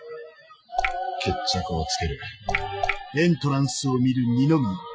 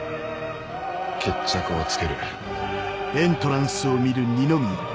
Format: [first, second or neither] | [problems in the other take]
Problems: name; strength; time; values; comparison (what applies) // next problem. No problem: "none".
second | noise reduction (classical method Wiener filter)